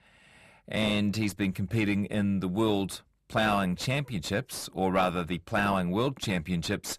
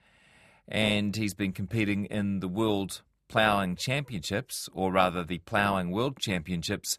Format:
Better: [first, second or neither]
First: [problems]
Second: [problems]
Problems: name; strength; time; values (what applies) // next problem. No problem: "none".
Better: second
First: distortion; slight; 10 dB below the speech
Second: none